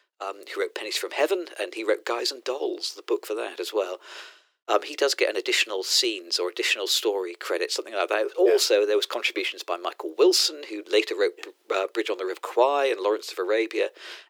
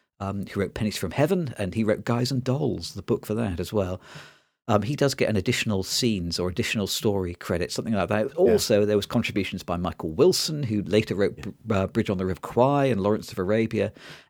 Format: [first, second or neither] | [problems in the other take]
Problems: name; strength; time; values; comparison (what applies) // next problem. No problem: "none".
second | thin; very; fading below 350 Hz